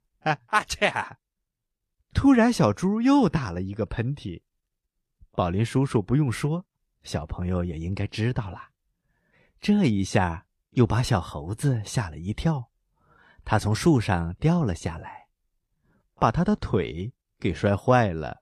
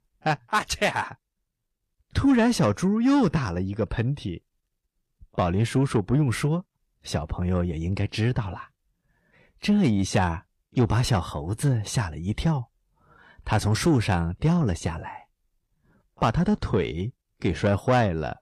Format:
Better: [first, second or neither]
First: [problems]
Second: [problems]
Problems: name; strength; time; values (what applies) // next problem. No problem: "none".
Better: first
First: none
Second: distortion; slight; 10 dB below the speech